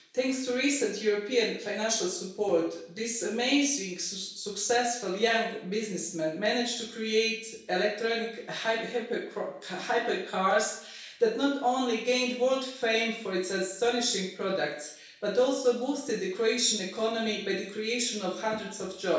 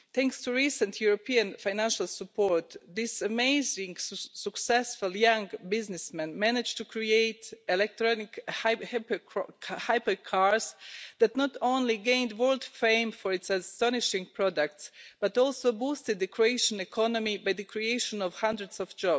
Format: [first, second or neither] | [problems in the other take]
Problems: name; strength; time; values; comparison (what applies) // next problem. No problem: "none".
second | room echo; dies away in 0.6 s